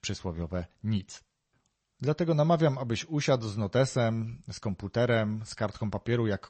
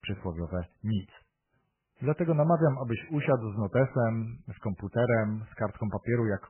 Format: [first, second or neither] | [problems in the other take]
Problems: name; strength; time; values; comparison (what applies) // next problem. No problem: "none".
first | garbled, watery; badly; nothing above 3 kHz; slightly in the first